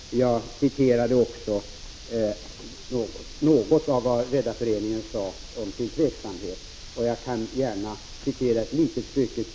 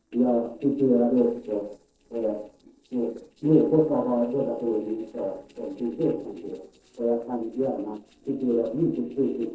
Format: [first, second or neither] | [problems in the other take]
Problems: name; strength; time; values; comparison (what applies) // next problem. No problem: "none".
first | noise reduction (neural separator model SepFormer DNS4)